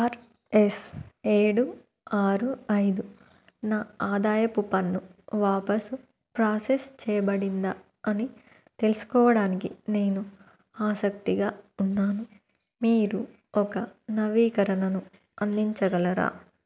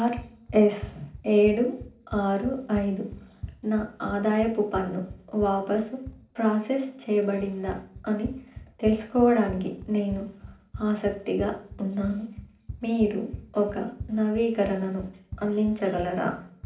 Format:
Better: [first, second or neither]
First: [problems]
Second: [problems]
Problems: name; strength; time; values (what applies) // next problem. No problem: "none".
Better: first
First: none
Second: background sound (Run); 16 dB below the speech // room echo; dies away in 0.4 s